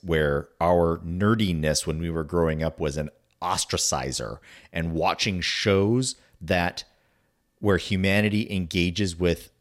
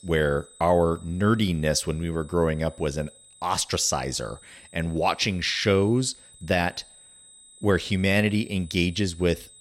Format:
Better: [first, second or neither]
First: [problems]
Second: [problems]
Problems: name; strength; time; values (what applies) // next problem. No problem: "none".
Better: first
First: none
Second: high-pitched whine; faint; throughout; 8 kHz, 25 dB below the speech